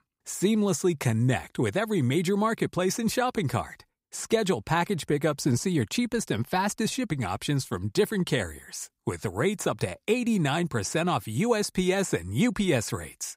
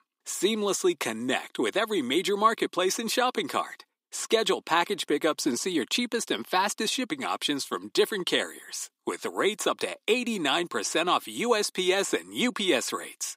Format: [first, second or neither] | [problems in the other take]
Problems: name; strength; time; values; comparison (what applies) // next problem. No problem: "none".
first | thin; somewhat; fading below 300 Hz